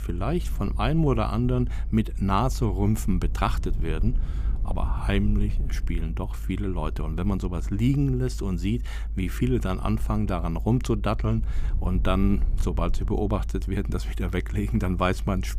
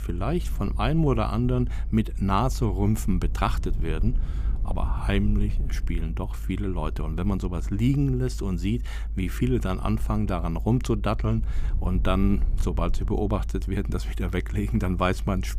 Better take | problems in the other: neither | low rumble; noticeable; throughout; 20 dB below the speech; the same in both

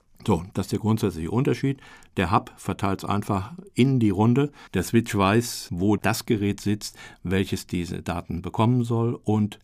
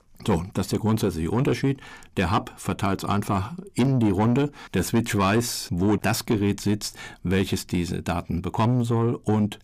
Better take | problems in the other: first | distortion; slight; 9 dB below the speech

